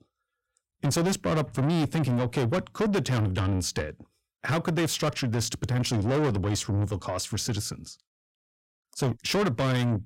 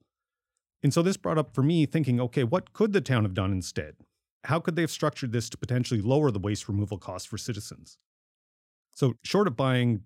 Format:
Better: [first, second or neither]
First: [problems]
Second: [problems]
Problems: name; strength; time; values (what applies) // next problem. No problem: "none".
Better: second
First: distortion; heavy; 6 dB below the speech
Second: none